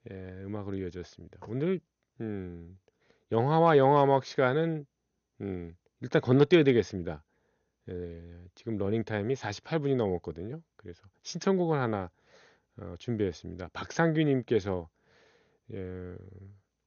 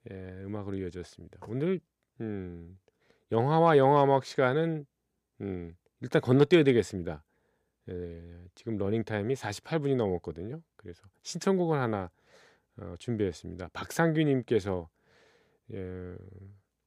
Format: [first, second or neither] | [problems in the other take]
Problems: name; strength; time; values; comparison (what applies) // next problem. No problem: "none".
second | garbled, watery; slightly; nothing above 6.5 kHz